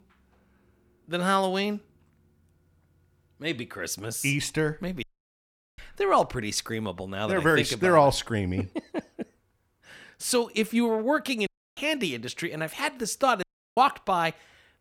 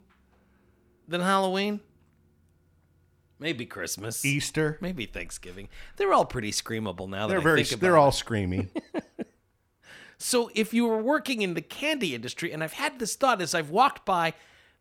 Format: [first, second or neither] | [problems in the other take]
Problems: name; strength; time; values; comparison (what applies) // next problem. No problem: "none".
second | audio cutting out; at 5 s for 1 s, at 11 s and at 13 s